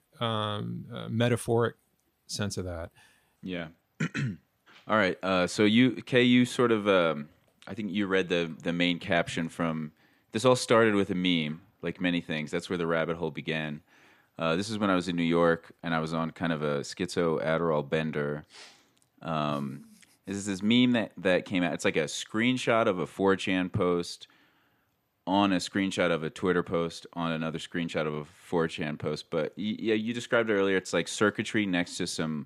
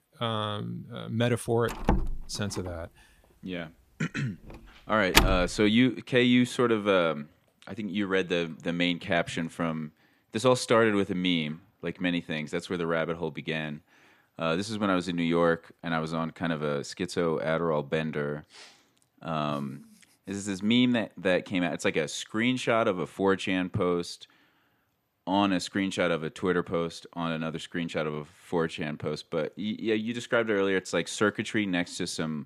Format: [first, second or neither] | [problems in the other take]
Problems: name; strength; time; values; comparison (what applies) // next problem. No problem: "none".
first | door banging; loud; from 2 to 5.5 s; peak 6 dB above the speech